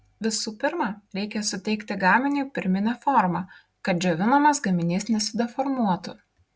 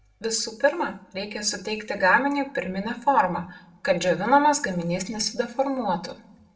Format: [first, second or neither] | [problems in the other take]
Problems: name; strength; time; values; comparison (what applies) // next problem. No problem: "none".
first | room echo; dies away in 0.3 s